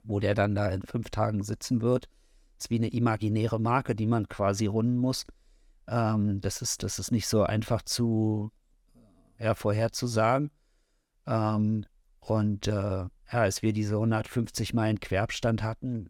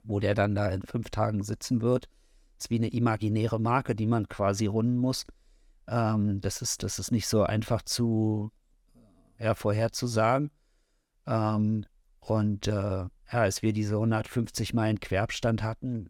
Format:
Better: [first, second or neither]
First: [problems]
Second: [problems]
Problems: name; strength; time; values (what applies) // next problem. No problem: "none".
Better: neither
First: none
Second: none